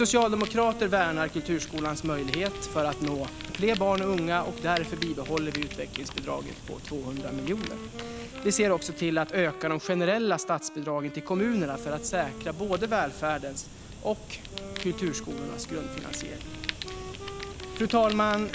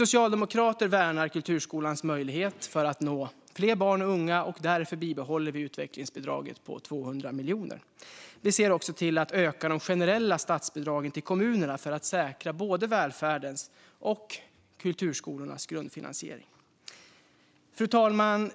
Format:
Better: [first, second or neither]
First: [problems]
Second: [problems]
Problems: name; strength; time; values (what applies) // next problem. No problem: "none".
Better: second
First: background sound (Fire + Wind instrument, woodwind instrument); 10 dB below the speech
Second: none